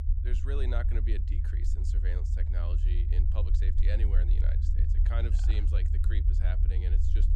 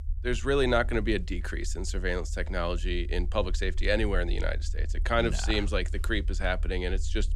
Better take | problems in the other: second | low rumble; loud; throughout; 3 dB below the speech; faint in the second

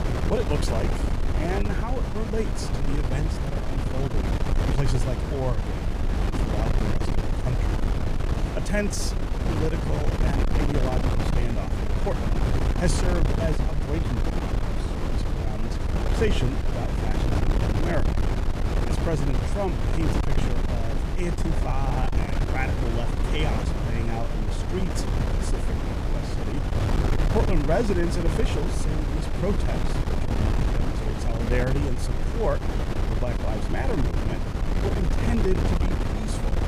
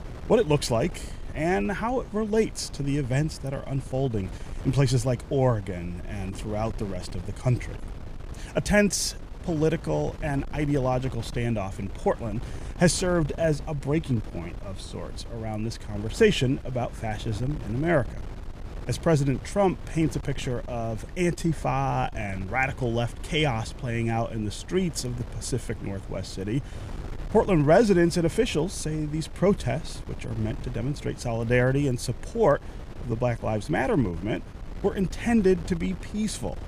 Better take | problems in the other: second | wind noise on the microphone; heavy; as loud as the speech; occasional gusts in the second

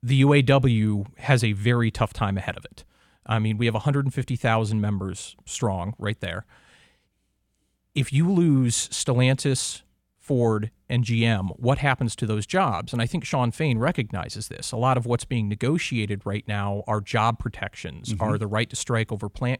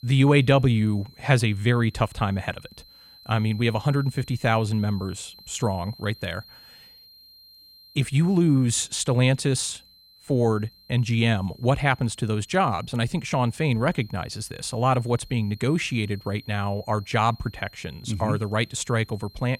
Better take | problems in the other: first | high-pitched whine; faint; throughout; 4 kHz, 25 dB below the speech

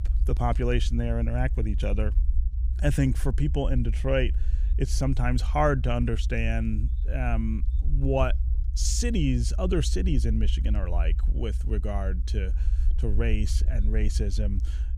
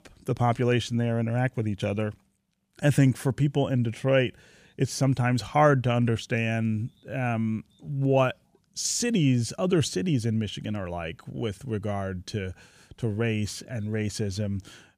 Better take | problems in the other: second | low rumble; noticeable; throughout; 15 dB below the speech

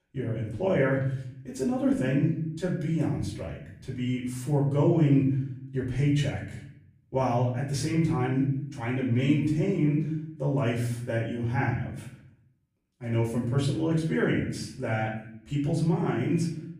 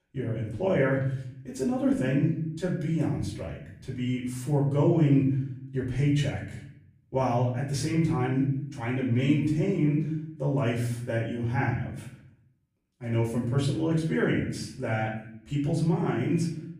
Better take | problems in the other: neither | room echo; noticeable; dies away in 0.7 s; the same in both // off-mic speech; far; the same in both

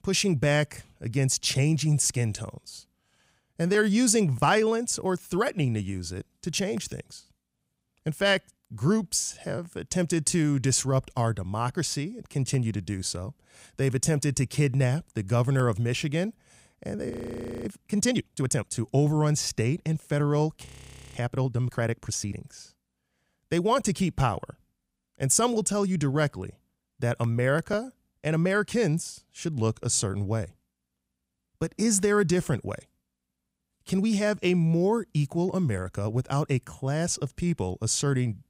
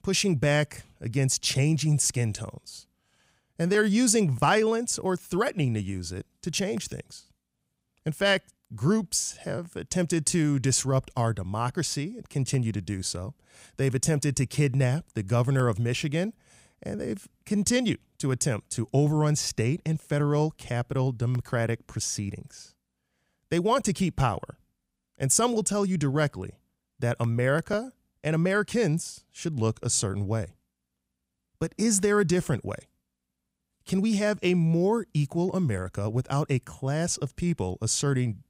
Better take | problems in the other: second | audio freezing; at 17 s for 0.5 s and at 21 s

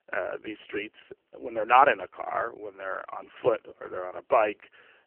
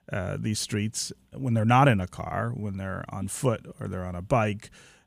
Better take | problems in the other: second | phone-call audio; poor line; nothing above 3 kHz

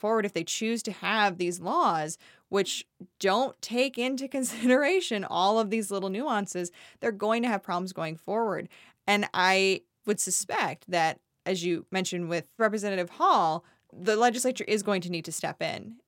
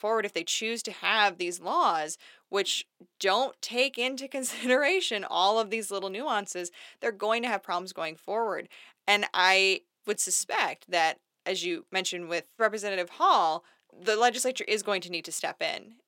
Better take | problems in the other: first | thin; somewhat; fading below 350 Hz

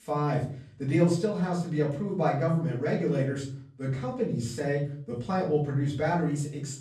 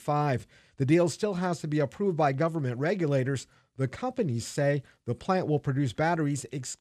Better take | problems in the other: second | off-mic speech; far // room echo; slight; dies away in 0.5 s

